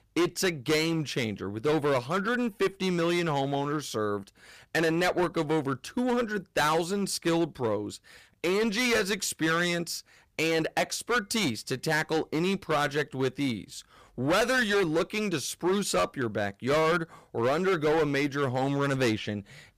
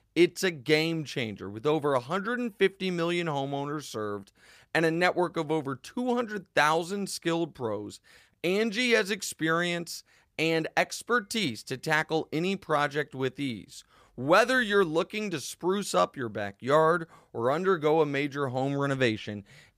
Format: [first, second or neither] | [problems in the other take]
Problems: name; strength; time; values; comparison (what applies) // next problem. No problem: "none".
second | distortion; heavy; 12% of the sound clipped